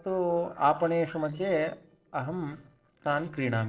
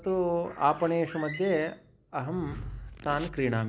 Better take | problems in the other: second | noise reduction (neural separator model SepFormer DNS4)

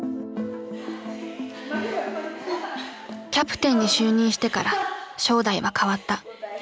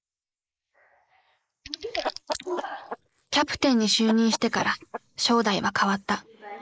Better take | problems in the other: first | noise reduction (neural mask model Resemble Enhance denoiser)

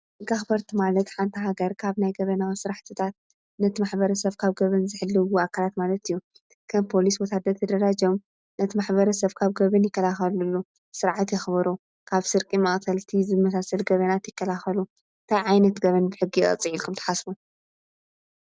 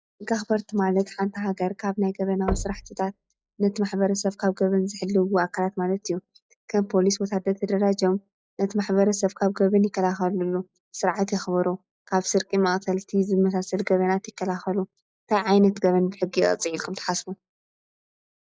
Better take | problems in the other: first | noise reduction (classical method log-MMSE)

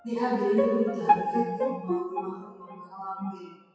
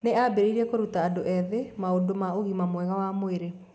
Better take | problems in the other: second | noise reduction (classical method WPE with log-MMSE)

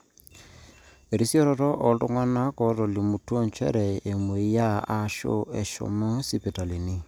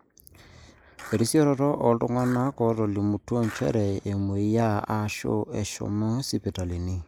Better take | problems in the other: first | noise reduction (neural mask model Resemble Enhance denoiser)

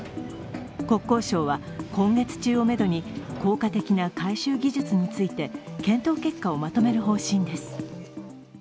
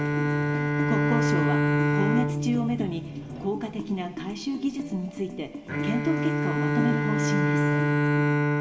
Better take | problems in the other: first | background sound (Bowed string instrument); 4 dB above the speech // room echo; dies away in 2.3 s

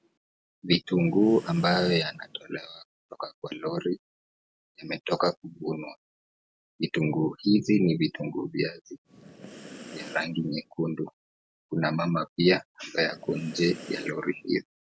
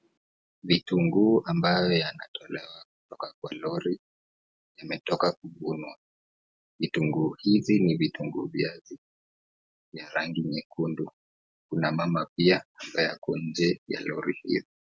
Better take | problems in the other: second | background sound (Breathing); 17 dB below the speech

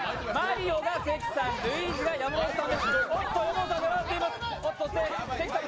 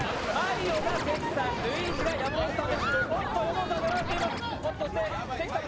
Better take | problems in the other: first | background sound (Scratching (performance technique) + Boom); 5 dB below the speech

